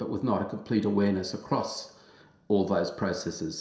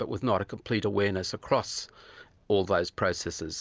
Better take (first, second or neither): second